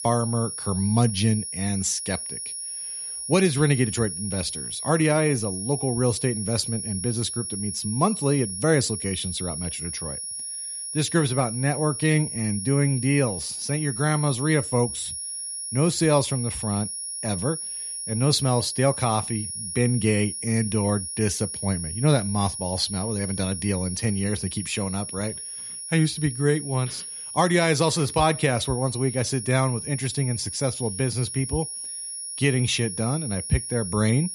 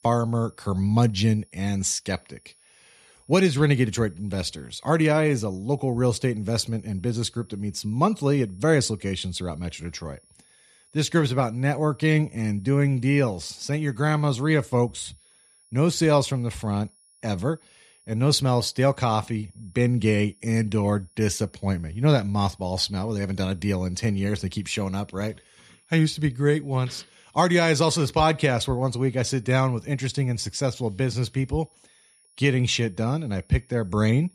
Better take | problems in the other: second | high-pitched whine; loud; throughout; 10.5 kHz, 6 dB below the speech; faint in the second

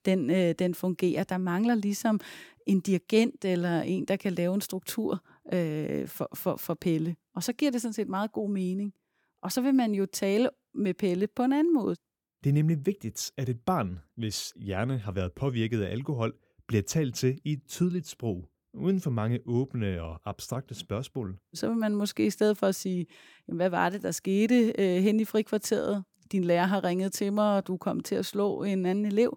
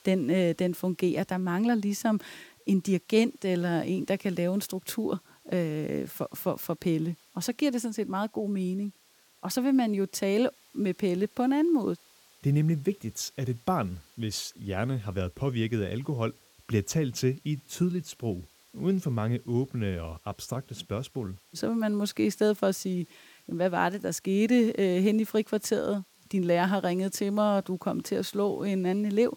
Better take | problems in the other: first | hiss; faint; throughout; 30 dB below the speech

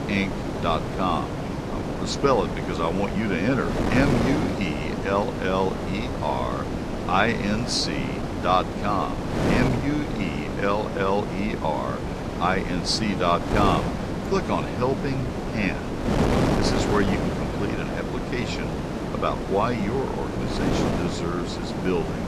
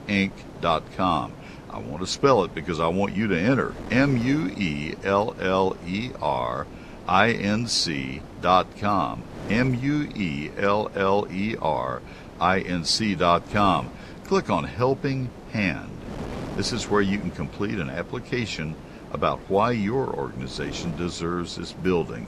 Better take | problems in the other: second | wind noise on the microphone; heavy; 4 dB below the speech; occasional gusts in the second

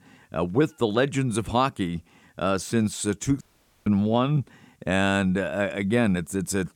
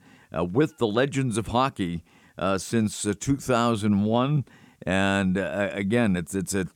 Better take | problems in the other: second | audio cutting out; at 3.5 s

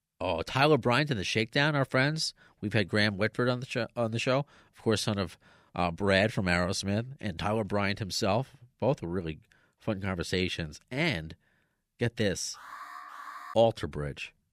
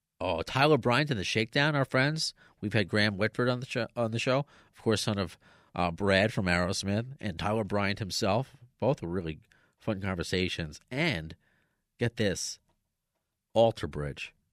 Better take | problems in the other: second | alarm; faint; from 13 to 14 s; peak 15 dB below the speech

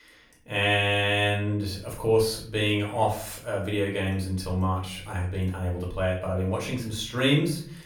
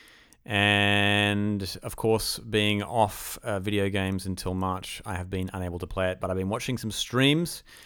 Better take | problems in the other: second | off-mic speech; far // room echo; slight; dies away in 0.5 s

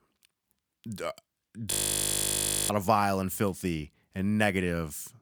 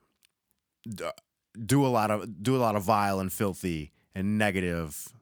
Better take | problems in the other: second | audio freezing; at 1.5 s for 1 s

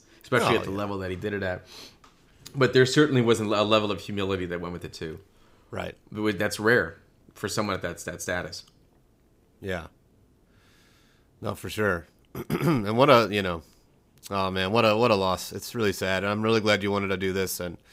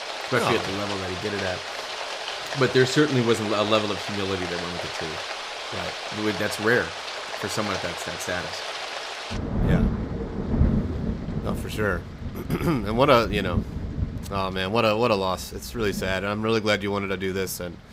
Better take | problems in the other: first | rain or running water; loud; throughout; 5 dB below the speech

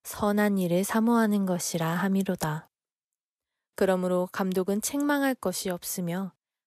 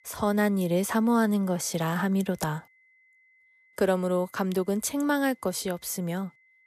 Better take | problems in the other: first | high-pitched whine; faint; throughout; 2 kHz, 35 dB below the speech

